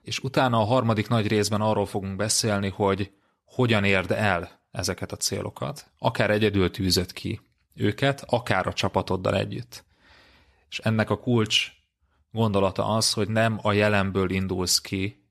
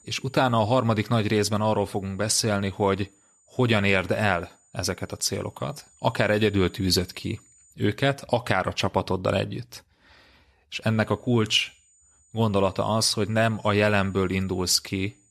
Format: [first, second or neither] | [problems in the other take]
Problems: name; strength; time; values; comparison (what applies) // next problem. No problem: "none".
first | high-pitched whine; faint; until 7.5 s and from 11 s on; 7 kHz, 35 dB below the speech